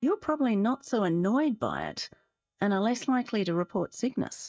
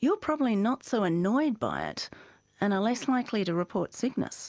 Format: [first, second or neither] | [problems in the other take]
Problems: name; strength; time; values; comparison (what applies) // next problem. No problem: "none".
second | noise reduction (neural mask model DeepFilterNet 3)